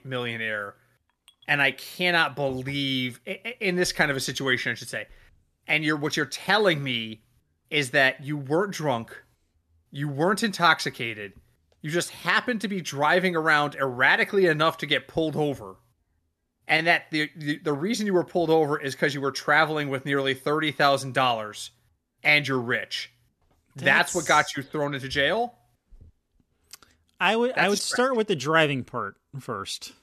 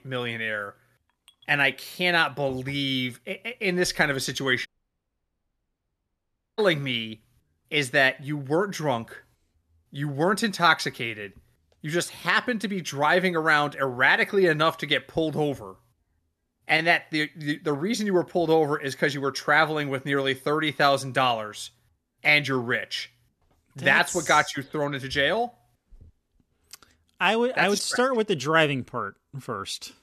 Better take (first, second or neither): first